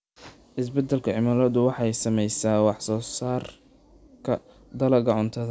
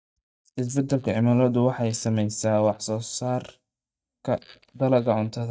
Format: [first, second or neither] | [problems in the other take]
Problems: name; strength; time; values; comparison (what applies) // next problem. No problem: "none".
first | noise reduction (neural mask model DeepFilterNet 3)